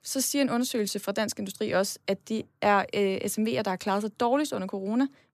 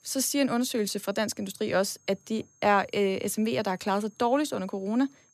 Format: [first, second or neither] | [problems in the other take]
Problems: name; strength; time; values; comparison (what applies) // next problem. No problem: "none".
first | high-pitched whine; faint; throughout; 6.5 kHz, 35 dB below the speech